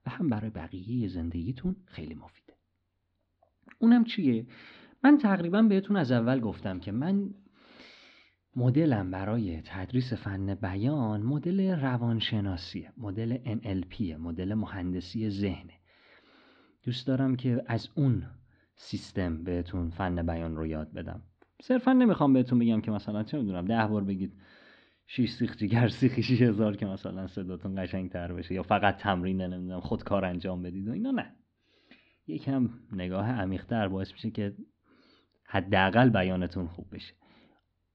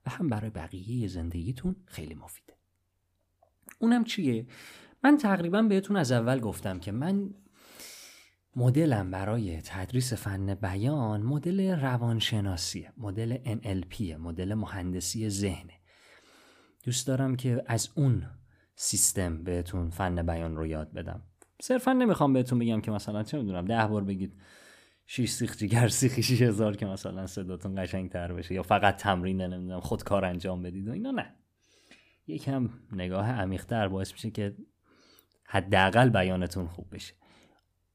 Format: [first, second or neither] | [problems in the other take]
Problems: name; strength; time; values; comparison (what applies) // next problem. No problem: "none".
second | muffled; slightly; fading above 4.5 kHz